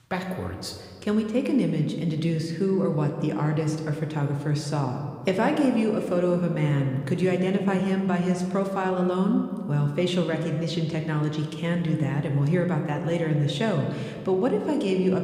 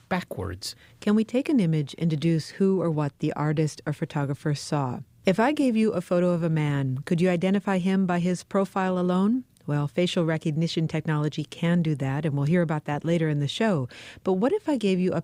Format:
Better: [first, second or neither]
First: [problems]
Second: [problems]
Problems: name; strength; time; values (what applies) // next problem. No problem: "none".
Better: second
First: room echo; slight; dies away in 1.6 s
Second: none